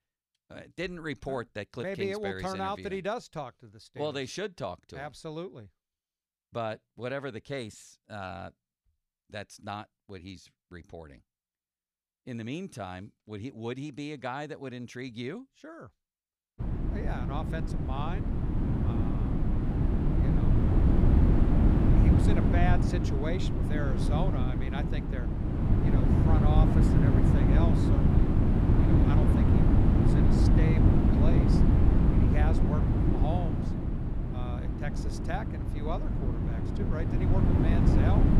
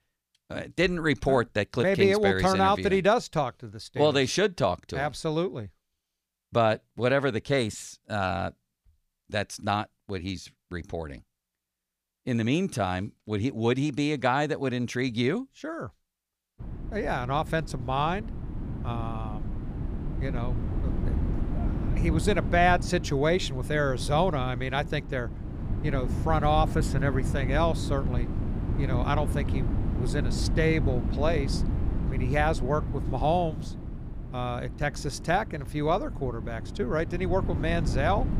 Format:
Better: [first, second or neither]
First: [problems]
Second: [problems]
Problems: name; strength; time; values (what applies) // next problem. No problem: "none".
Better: second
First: wind noise on the microphone; heavy; from 17 s on; 3 dB above the speech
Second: wind noise on the microphone; occasional gusts; from 17 s on; 15 dB below the speech